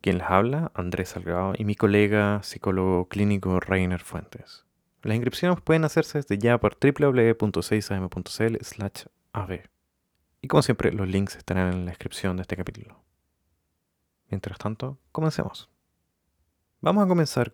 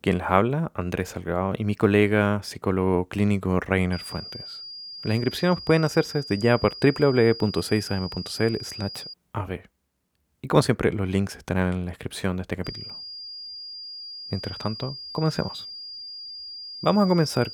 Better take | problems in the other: first | high-pitched whine; noticeable; from 4 to 9 s and from 13 s on; 5 kHz, 10 dB below the speech

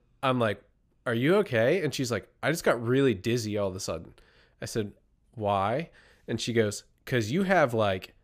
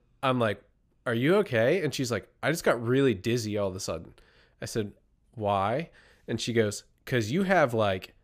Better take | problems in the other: neither | none

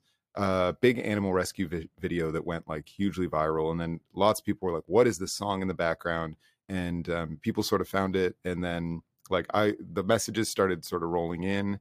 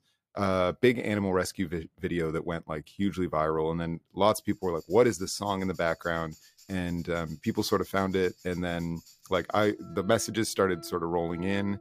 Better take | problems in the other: first | background music; faint; from 4.5 s on; 25 dB below the speech

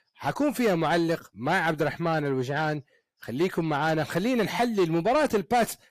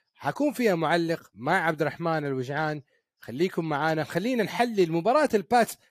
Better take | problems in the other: second | distortion; slight; 10 dB below the speech

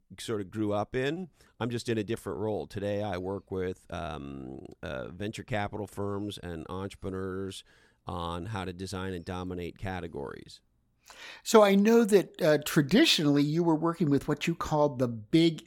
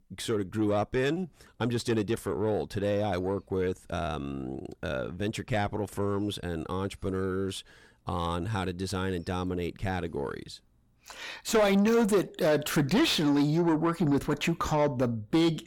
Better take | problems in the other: first | distortion; heavy; 7 dB below the speech

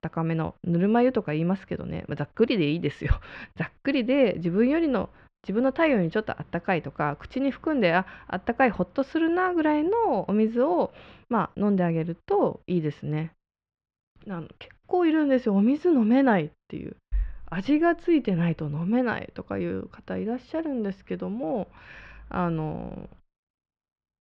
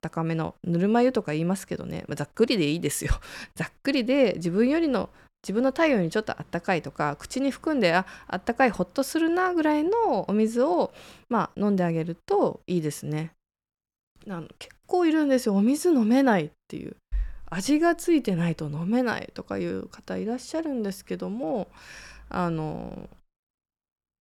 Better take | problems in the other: second | muffled; slightly; fading above 3.5 kHz

